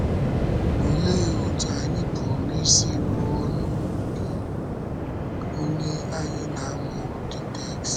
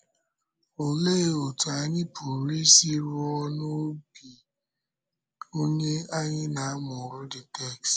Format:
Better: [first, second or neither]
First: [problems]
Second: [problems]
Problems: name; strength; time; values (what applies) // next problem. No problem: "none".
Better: second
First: background sound (Waves, surf); 4 dB above the speech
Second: none